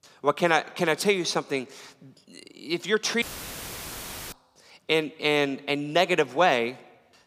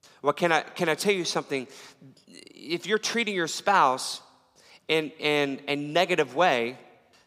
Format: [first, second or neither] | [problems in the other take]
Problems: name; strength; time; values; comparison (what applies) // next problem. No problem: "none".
second | audio cutting out; filled with static; at 3 s for 1 s